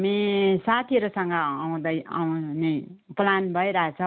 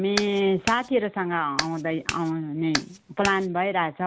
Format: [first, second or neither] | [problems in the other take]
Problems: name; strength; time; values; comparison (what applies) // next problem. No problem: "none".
first | background sound (Clapping); 7 dB below the speech